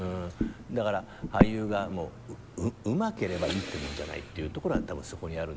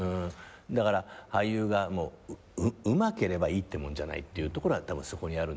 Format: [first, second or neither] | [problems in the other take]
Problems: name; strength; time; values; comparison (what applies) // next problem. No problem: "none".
second | background sound (Breathing); 1 dB below the speech